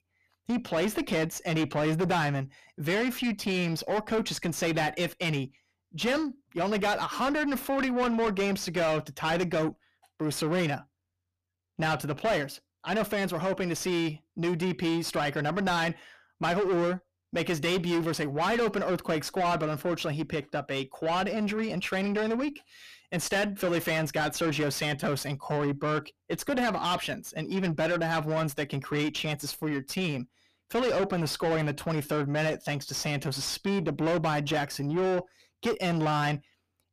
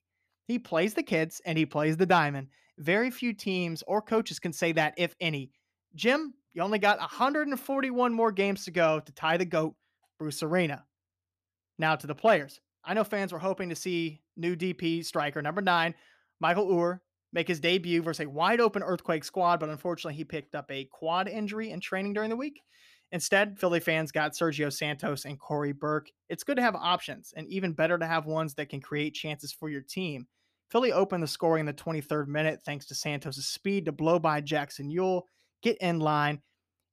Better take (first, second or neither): second